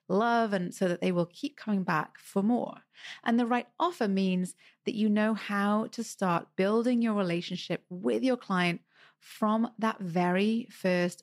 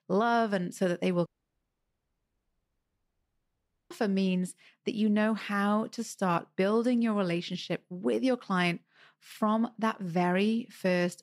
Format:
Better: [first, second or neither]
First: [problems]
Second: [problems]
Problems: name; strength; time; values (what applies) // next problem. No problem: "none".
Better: first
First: none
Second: audio cutting out; at 1.5 s for 2.5 s